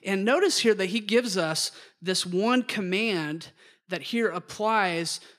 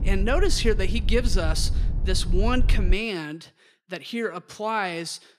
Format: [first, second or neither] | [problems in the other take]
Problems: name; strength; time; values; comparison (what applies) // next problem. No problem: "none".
first | low rumble; noticeable; until 3 s; 15 dB below the speech